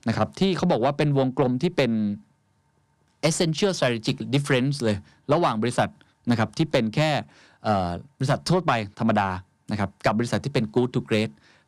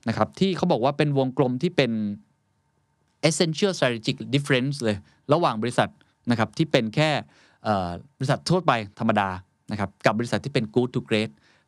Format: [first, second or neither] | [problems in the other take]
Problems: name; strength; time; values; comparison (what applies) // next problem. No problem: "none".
second | distortion; slight; 10 dB below the speech